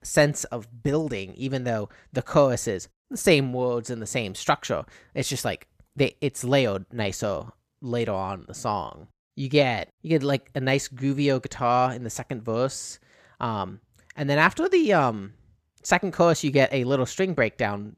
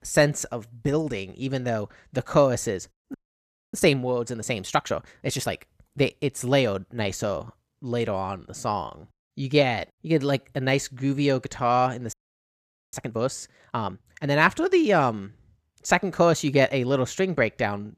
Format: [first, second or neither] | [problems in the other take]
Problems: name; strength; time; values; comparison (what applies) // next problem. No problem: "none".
first | audio freezing; at 3 s for 0.5 s and at 12 s for 1 s